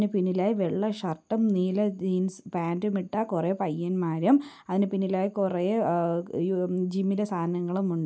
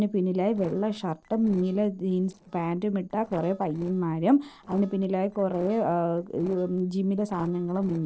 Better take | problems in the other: first | noise reduction (neural separator model SepFormer DNS4)

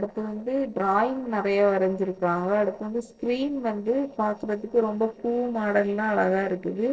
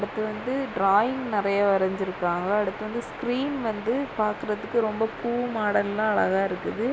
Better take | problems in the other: second | noise reduction (neural separator model SepFormer DNS4)

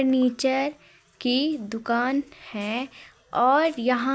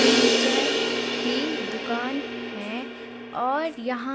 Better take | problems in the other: first | background sound (Crash cymbal); 4 dB above the speech

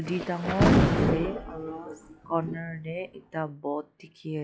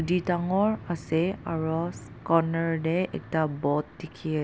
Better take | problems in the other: second | noise reduction (classical method log-MMSE)

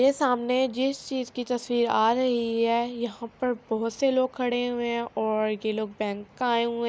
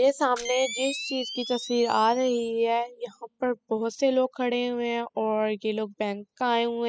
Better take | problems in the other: first | noise reduction (classical method spectral subtraction)

